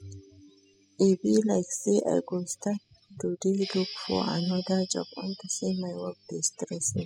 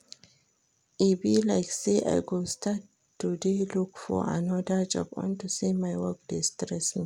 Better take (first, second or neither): second